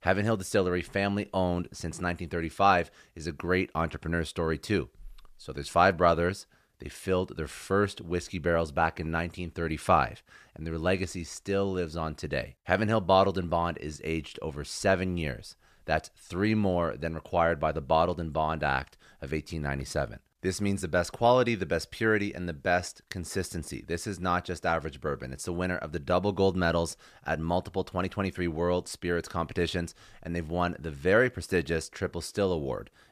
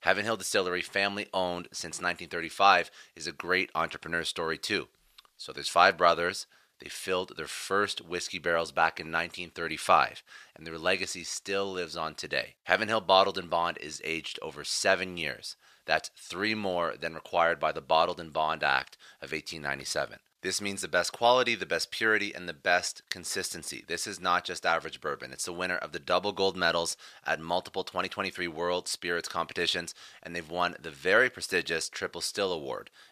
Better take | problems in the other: first | thin; somewhat; fading below 950 Hz

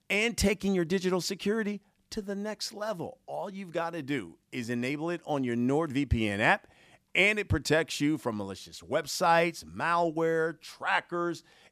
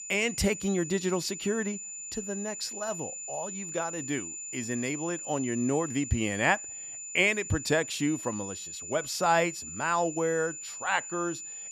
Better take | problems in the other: first | high-pitched whine; loud; throughout; 7 kHz, 7 dB below the speech

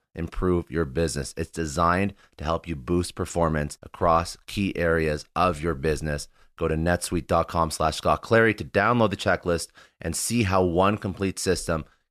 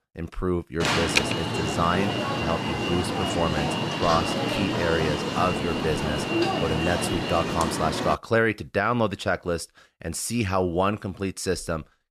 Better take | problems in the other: first | alarm; loud; from 1 to 8 s; peak 6 dB above the speech

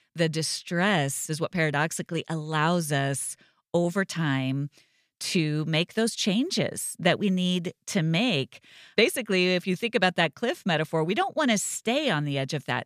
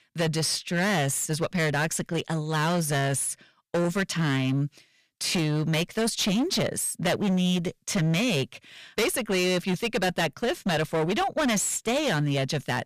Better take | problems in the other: first | distortion; heavy; 19% of the sound clipped

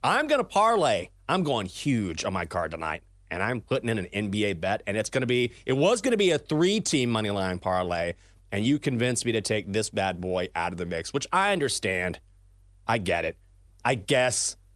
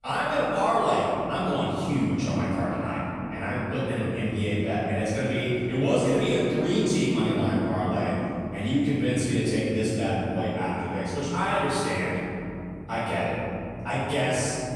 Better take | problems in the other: first | off-mic speech; far // room echo; strong; dies away in 3 s

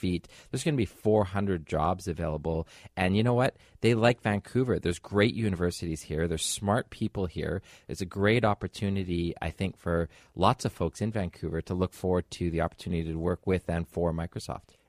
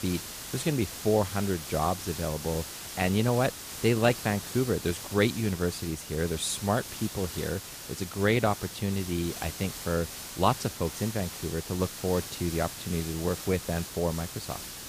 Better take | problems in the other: first | hiss; loud; throughout; 8 dB below the speech

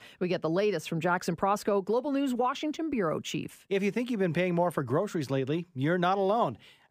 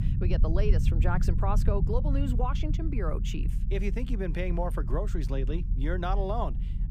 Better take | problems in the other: first | low rumble; noticeable; throughout; 10 dB below the speech

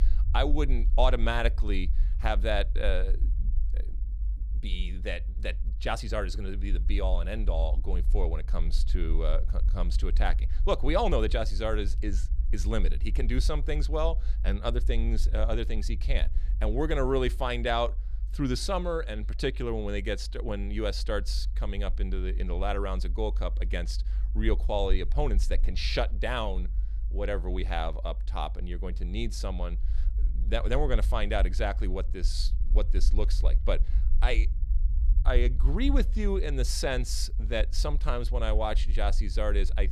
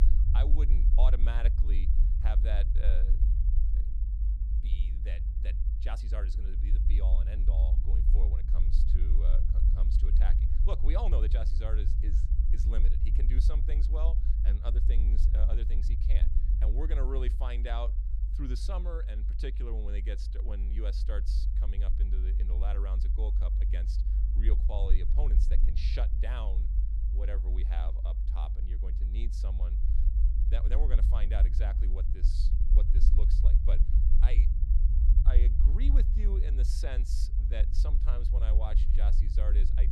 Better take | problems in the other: first | low rumble; loud; throughout; 5 dB below the speech; faint in the first

